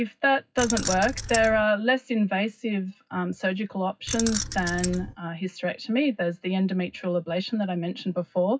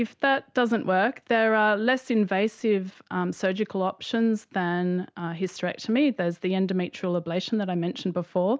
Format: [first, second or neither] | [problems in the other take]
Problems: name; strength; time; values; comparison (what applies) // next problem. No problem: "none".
second | noise reduction (classical method WPE with log-MMSE)